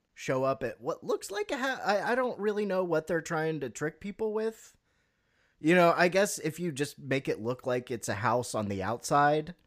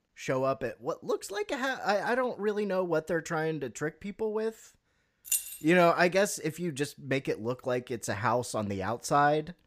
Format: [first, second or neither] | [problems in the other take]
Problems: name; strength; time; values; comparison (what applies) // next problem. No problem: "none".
first | jangling keys; noticeable; at 5.5 s; peak level with the speech